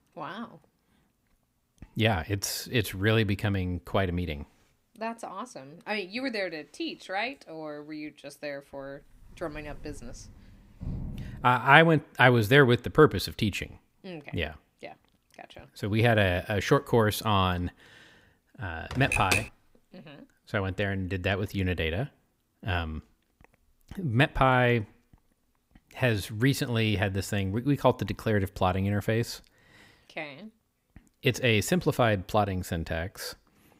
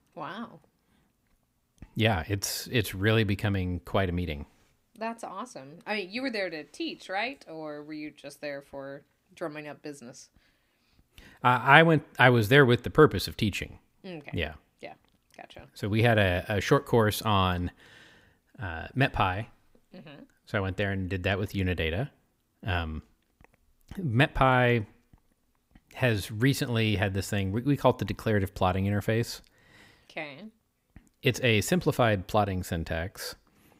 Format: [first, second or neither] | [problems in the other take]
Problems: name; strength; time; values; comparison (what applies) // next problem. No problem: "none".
second | door banging; faint; from 9 to 11 s; peak 10 dB below the speech // keyboard typing; loud; at 19 s; peak level with the speech